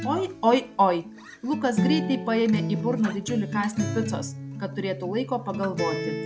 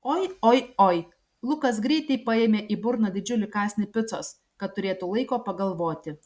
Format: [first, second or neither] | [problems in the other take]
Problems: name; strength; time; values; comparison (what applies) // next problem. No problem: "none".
second | background sound (Acoustic guitar); 5 dB below the speech